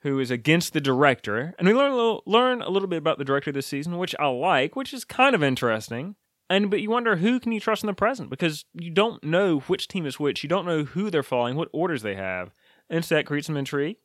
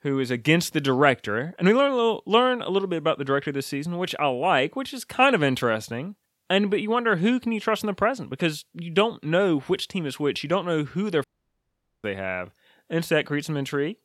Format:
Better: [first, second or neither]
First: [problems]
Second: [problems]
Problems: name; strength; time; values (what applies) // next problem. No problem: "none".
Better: first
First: none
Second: audio cutting out; at 11 s for 1 s